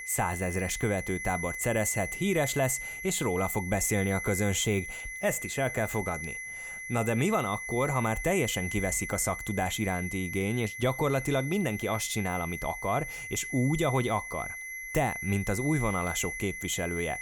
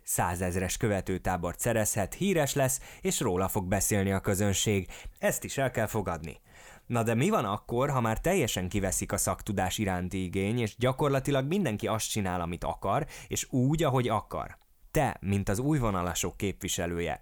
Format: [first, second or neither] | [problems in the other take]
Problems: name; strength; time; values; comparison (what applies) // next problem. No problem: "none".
second | high-pitched whine; loud; throughout; 2 kHz, 6 dB below the speech